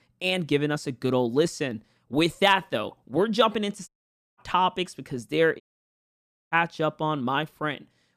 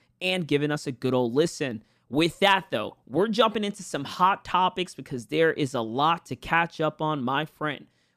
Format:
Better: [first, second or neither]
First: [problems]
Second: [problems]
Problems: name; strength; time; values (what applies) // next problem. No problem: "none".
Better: second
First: audio cutting out; at 4 s and at 5.5 s for 1 s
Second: none